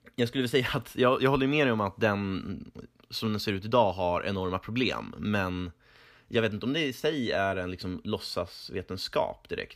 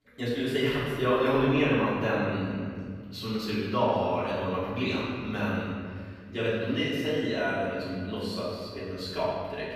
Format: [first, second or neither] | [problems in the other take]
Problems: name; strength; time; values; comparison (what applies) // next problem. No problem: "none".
first | off-mic speech; far // room echo; strong; dies away in 1.9 s